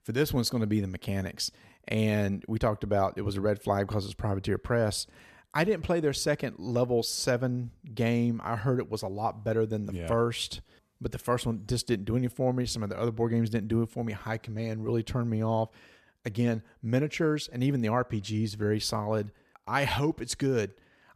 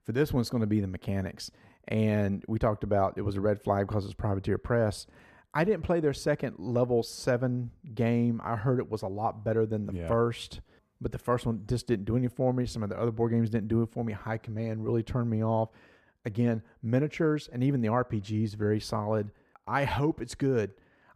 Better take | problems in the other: first | muffled; slightly; fading above 2.5 kHz

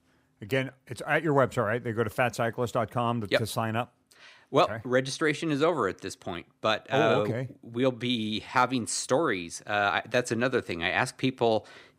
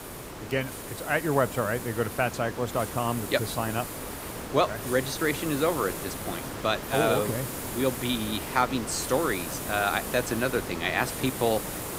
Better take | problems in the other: first | hiss; loud; throughout; 7 dB below the speech

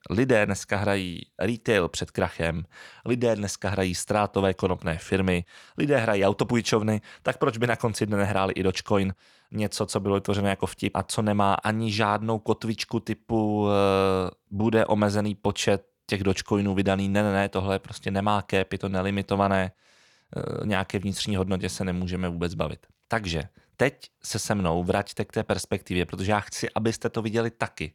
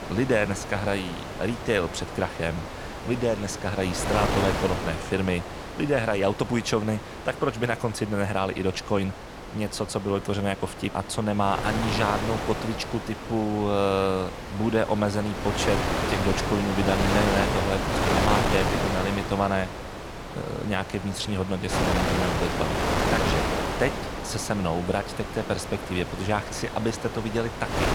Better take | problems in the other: first | wind noise on the microphone; heavy; 2 dB below the speech

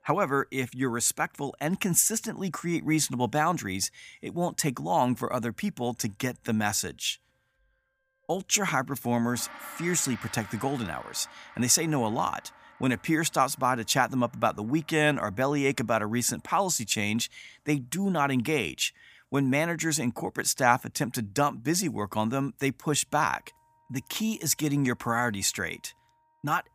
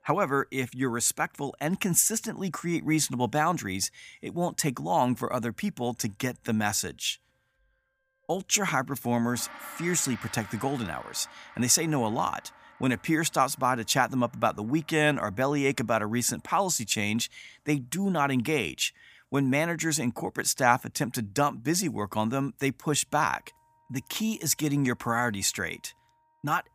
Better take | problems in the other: neither | background music; faint; throughout; 20 dB below the speech; the same in both

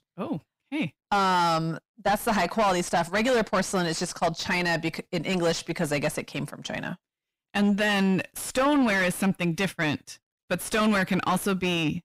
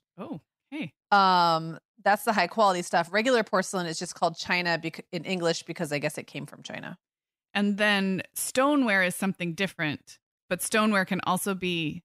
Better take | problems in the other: second | distortion; heavy; 6 dB below the speech

